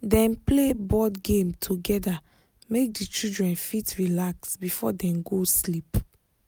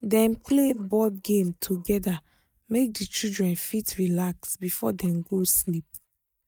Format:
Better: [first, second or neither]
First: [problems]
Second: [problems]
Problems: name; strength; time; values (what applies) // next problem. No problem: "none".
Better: first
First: none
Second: noise reduction (neural mask model DeepFilterNet 3)